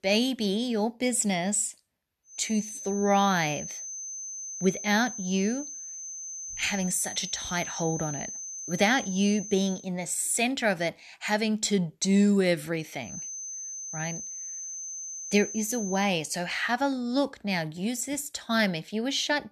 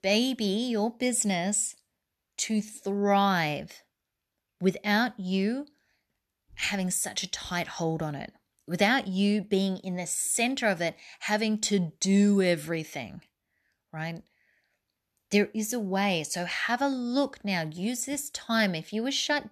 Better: second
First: high-pitched whine; loud; from 2.5 to 10 s and from 13 to 16 s; 6 kHz, 8 dB below the speech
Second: none

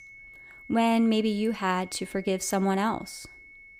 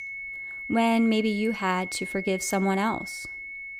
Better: first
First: high-pitched whine; faint; throughout; 2 kHz, 20 dB below the speech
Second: high-pitched whine; loud; throughout; 2 kHz, 9 dB below the speech

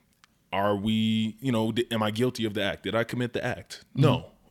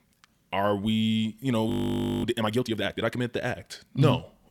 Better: first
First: none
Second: audio freezing; at 1.5 s for 0.5 s

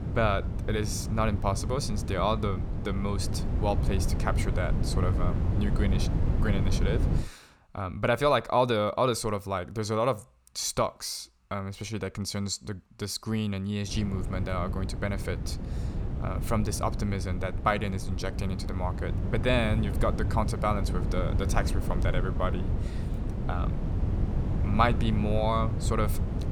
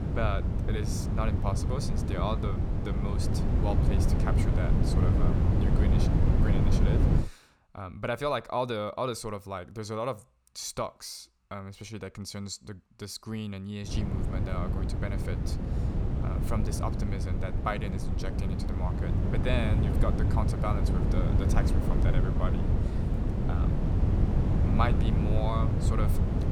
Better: first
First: wind noise on the microphone; occasional gusts; until 7 s and from 14 s on; 10 dB below the speech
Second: wind noise on the microphone; heavy; until 7 s and from 14 s on; 2 dB below the speech

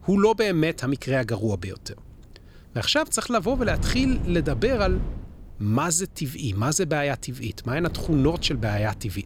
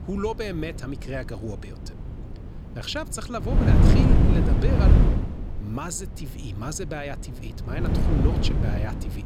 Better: first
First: wind noise on the microphone; occasional gusts; 15 dB below the speech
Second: wind noise on the microphone; heavy; 3 dB above the speech

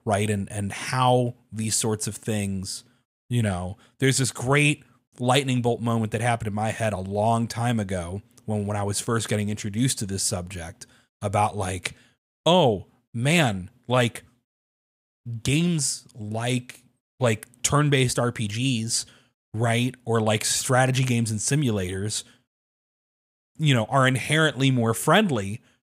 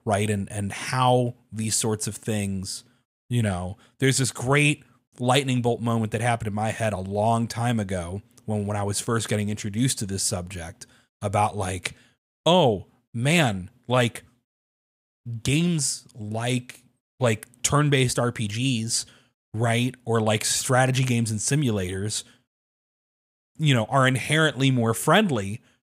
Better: neither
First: none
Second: none

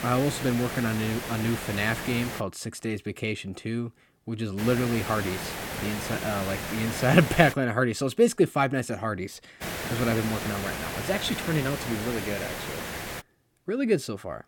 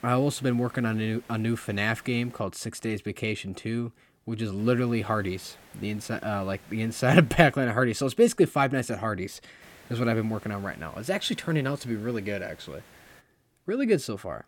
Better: second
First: hiss; loud; until 2.5 s, from 4.5 to 7.5 s and from 9.5 to 13 s; 6 dB below the speech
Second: hiss; faint; until 2.5 s, from 4.5 to 7.5 s and from 9.5 to 13 s; 25 dB below the speech

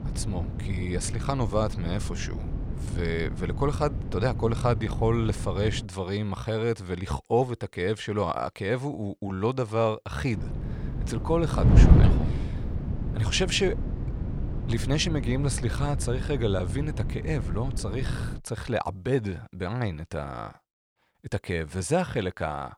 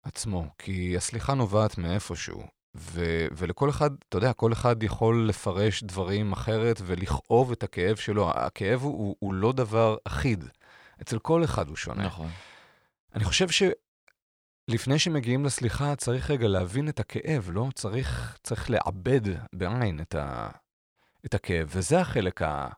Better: second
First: wind noise on the microphone; heavy; until 6 s and from 10 to 18 s; 9 dB below the speech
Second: none

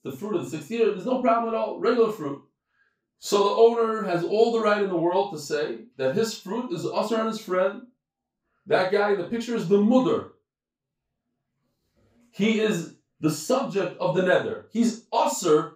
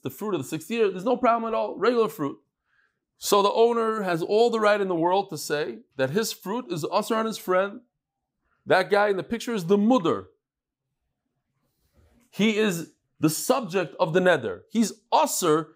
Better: second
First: room echo; noticeable; dies away in 0.2 s // off-mic speech; far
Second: none

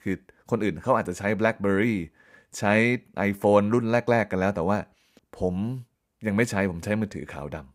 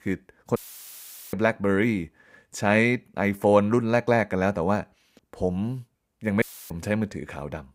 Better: first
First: none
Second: audio cutting out; filled with static; at 0.5 s for 1 s and at 6.5 s

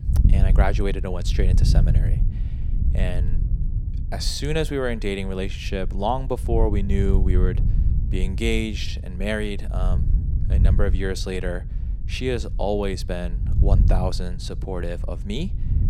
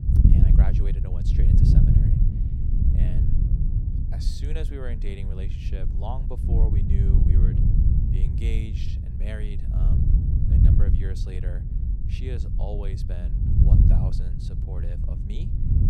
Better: first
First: wind noise on the microphone; occasional gusts; 10 dB below the speech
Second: wind noise on the microphone; heavy; 4 dB above the speech

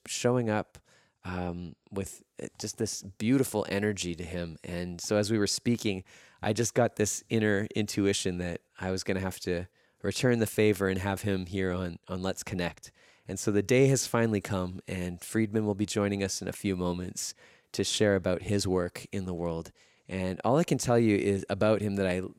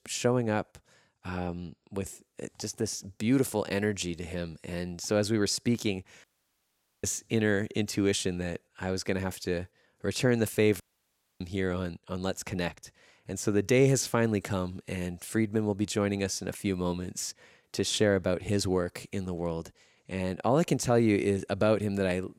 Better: first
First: none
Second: audio cutting out; at 6 s for 1 s and at 11 s for 0.5 s

